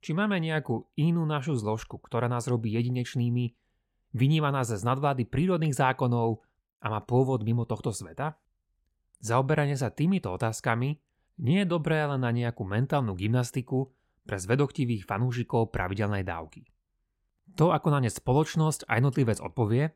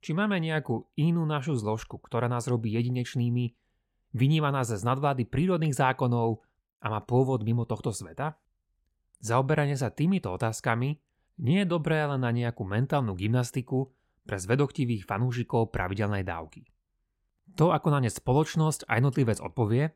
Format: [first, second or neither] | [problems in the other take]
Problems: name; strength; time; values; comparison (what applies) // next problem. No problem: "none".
neither | none